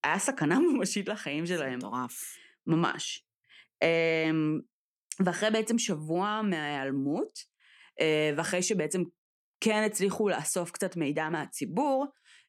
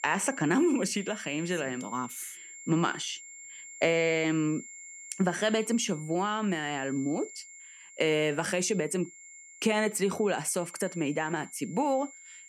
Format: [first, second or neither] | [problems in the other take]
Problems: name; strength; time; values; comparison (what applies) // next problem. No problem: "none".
first | high-pitched whine; noticeable; throughout; 7.5 kHz, 15 dB below the speech